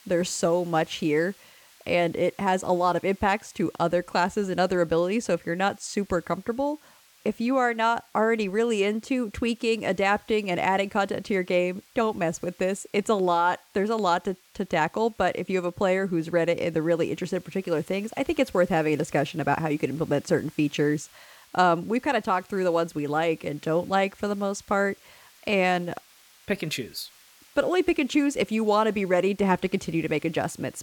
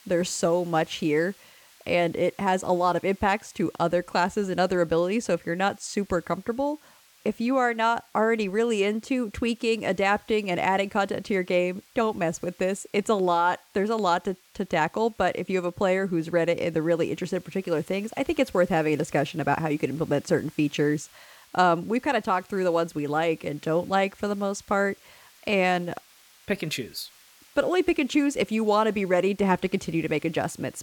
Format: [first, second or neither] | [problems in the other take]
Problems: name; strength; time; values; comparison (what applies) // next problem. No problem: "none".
neither | hiss; faint; throughout; 30 dB below the speech; the same in both